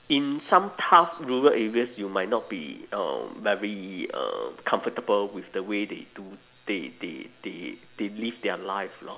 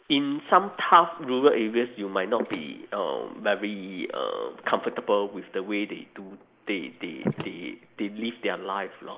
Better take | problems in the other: first | noise reduction (neural mask model Resemble Enhance denoiser)

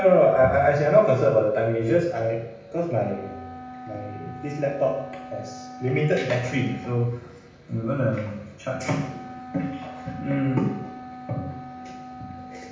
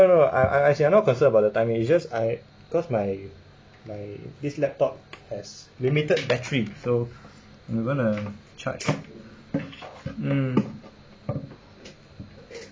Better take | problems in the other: second | background sound (Wind instrument, woodwind instrument); 16 dB below the speech // room echo; dies away in 0.9 s

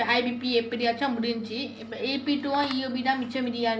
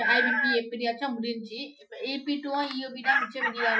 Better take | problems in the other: first | noise reduction (classical method Wiener filter)

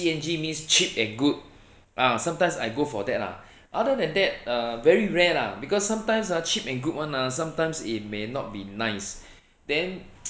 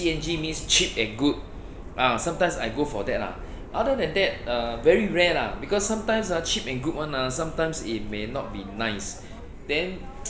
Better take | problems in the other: first | background sound (Subway, metro, underground); 11 dB below the speech

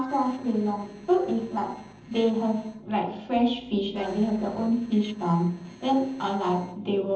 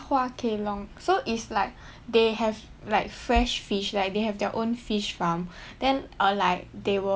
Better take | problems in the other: second | noise reduction (neural separator model SepFormer DNS4)

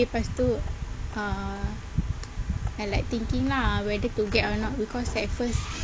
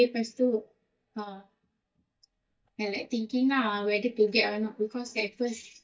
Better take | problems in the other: first | noise reduction (neural mask model DeepFilterNet 3)

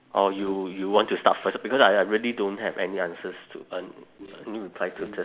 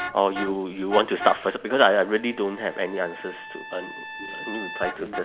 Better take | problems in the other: first | background sound (Vehicle horn, car horn, honking + Trumpet); 11 dB below the speech

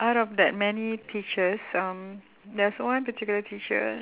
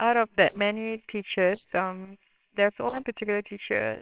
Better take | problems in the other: first | noise reduction (neural separator model SepFormer WHAMR!)

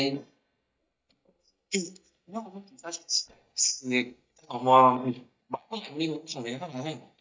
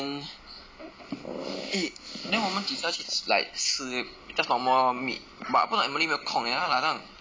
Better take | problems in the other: second | noise reduction (neural mask model DeepFilterNet 3)

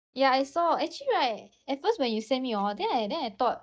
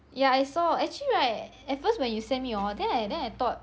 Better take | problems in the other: second | noise reduction (neural mask model DeepFilterNet 3)

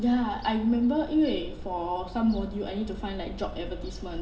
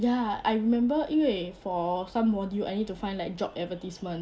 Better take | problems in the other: second | background sound (Gull, seagull / Fowl); 11 dB below the speech // room echo; dies away in 1.4 s

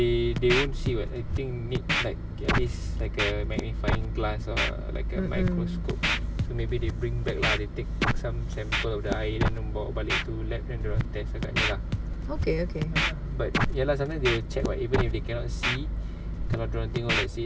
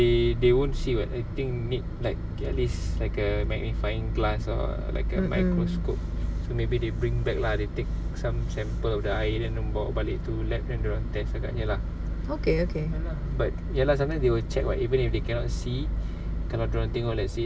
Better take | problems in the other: second | background sound (Scratching (performance technique)); 3 dB below the speech

